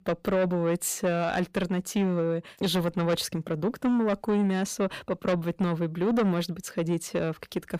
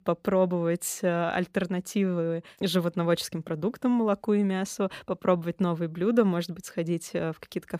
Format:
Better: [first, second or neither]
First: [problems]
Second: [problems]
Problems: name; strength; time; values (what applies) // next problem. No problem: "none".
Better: second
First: distortion; slight; 10 dB below the speech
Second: none